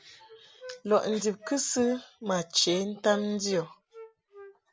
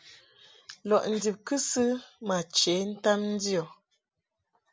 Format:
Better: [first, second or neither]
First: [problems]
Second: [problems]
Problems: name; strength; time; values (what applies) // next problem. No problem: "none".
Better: second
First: background sound (Wind instrument, woodwind instrument); 18 dB below the speech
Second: none